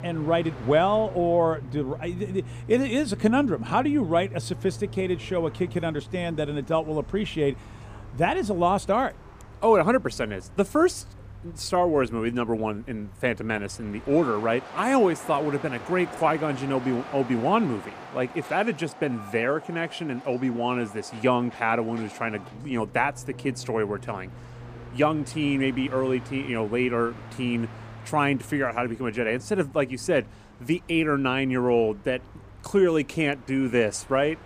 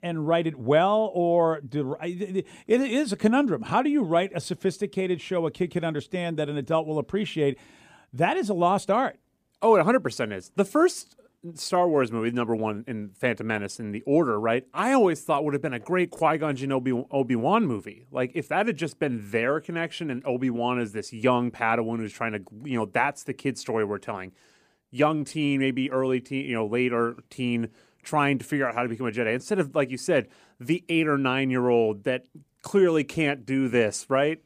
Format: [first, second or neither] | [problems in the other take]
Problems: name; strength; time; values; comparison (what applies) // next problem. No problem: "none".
second | train or aircraft noise; noticeable; throughout; 15 dB below the speech